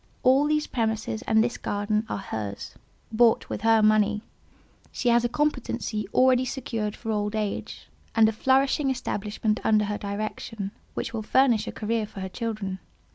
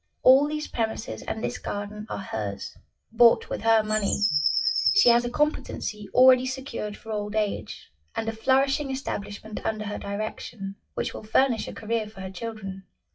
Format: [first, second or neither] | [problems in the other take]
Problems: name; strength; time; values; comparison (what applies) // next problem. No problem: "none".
first | noise reduction (classical method WPE with log-MMSE)